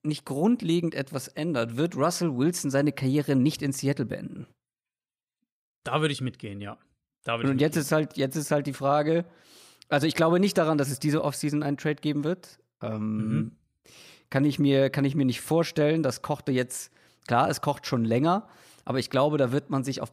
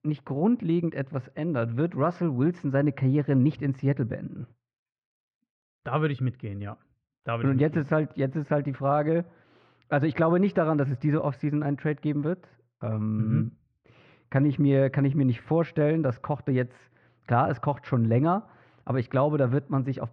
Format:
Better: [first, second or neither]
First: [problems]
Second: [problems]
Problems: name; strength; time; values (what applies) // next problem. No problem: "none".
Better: first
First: none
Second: muffled; very; fading above 2 kHz